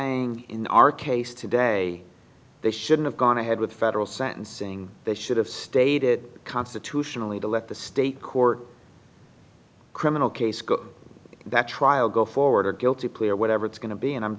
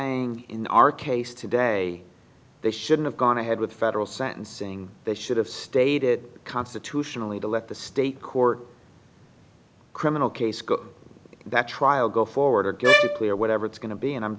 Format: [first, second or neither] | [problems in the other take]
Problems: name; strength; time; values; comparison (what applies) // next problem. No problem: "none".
first | background sound (Bowed string instrument); 2 dB above the speech